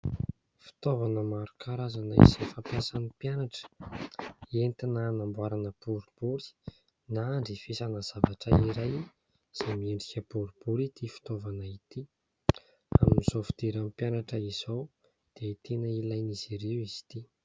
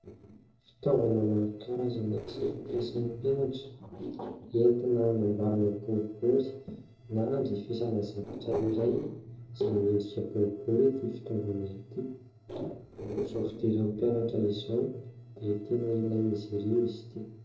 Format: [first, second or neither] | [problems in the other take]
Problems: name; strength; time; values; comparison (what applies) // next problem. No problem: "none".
first | noise reduction (neural separator model SepFormer DNS4)